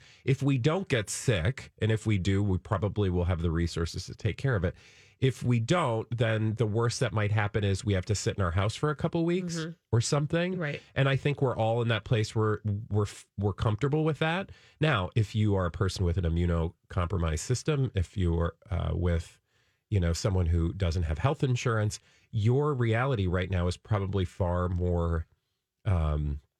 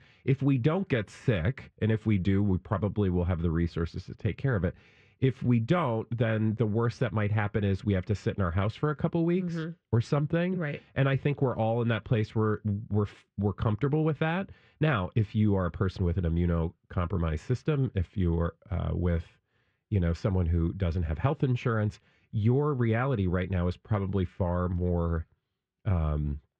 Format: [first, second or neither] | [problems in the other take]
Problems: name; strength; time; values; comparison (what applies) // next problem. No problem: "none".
first | muffled; slightly; fading above 2.5 kHz